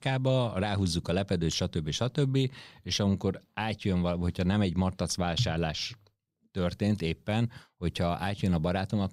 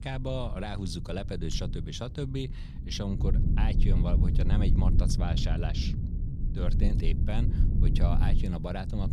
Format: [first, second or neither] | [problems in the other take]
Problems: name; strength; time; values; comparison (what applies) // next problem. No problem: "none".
first | low rumble; loud; throughout; 5 dB below the speech